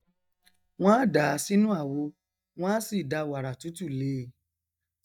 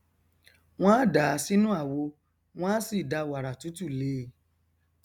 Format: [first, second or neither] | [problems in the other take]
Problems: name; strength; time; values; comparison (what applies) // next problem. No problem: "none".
second | noise reduction (neural mask model DeepFilterNet 3)